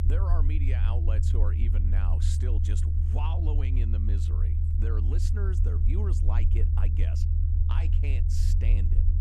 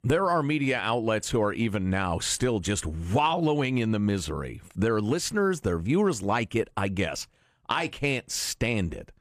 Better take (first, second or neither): second